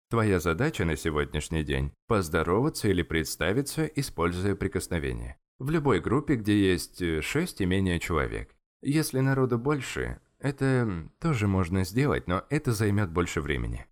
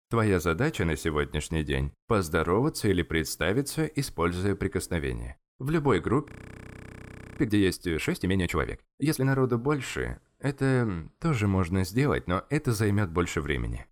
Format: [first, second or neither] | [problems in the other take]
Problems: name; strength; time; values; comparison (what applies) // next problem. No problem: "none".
first | audio freezing; at 6.5 s for 1 s